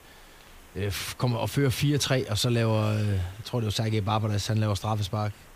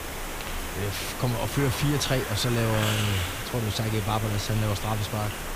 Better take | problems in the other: first | hiss; loud; throughout; 4 dB below the speech; faint in the first

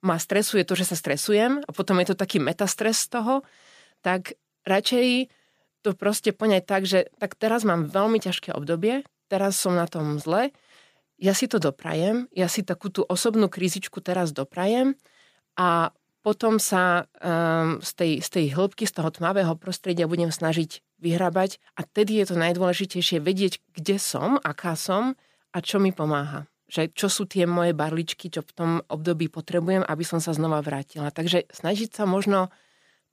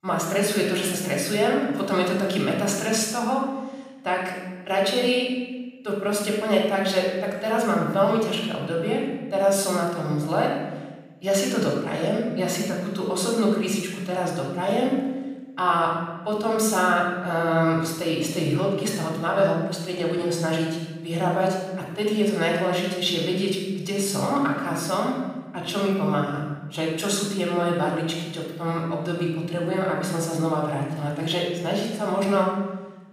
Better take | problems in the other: first | off-mic speech; far // room echo; noticeable; dies away in 1.1 s

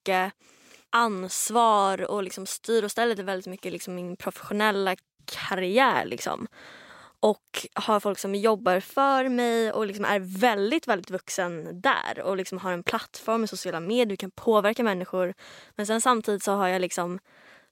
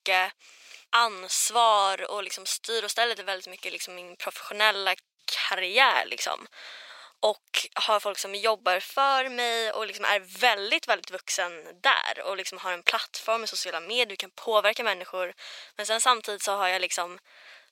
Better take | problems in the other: first | thin; very; fading below 650 Hz

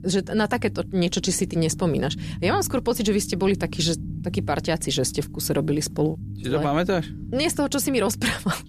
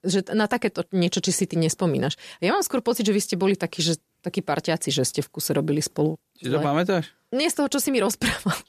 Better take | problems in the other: second | low rumble; noticeable; throughout; 20 dB below the speech

